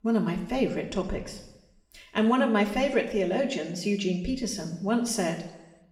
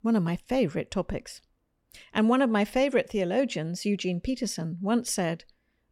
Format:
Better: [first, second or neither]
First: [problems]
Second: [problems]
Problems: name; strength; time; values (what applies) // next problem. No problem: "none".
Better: second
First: room echo; slight; dies away in 0.8 s // off-mic speech; somewhat distant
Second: none